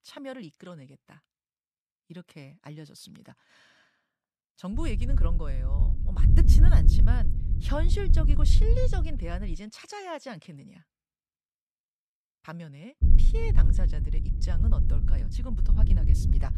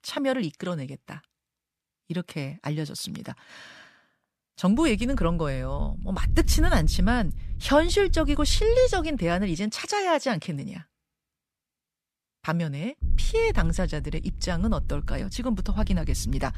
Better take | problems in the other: second | low rumble; loud; from 4.5 to 9.5 s and from 13 s on; 3 dB below the speech; faint in the second

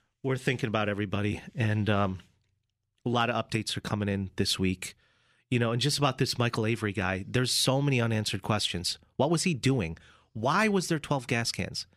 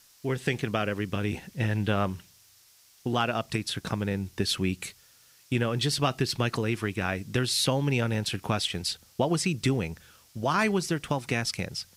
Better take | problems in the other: first | hiss; faint; throughout; 25 dB below the speech

